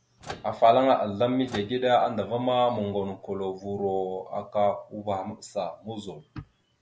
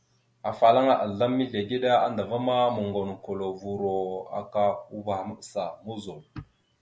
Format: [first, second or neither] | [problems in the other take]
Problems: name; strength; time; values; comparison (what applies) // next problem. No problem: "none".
second | background sound (Microwave oven); 18 dB below the speech